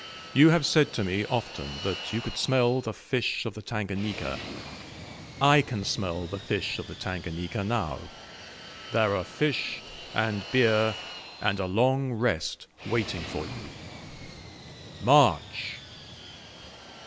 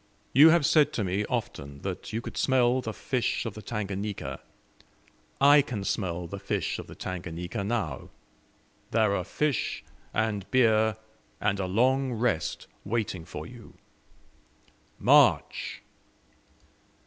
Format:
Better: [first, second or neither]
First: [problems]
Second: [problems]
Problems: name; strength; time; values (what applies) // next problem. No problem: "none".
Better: second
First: background sound (Fixed-wing aircraft, airplane); 14 dB below the speech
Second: none